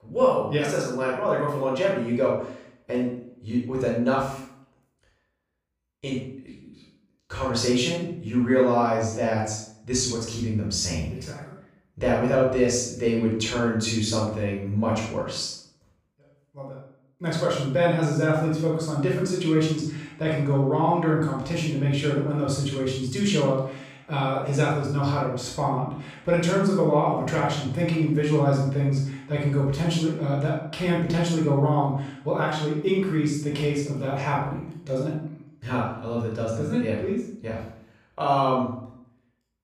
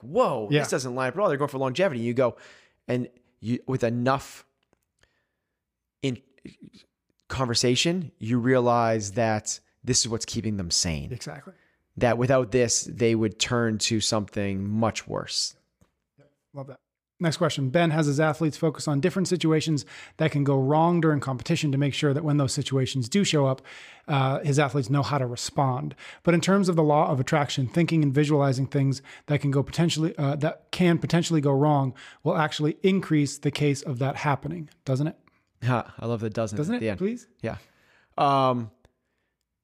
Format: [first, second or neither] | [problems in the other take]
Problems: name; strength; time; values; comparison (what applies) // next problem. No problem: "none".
second | off-mic speech; far // room echo; noticeable; dies away in 0.5 s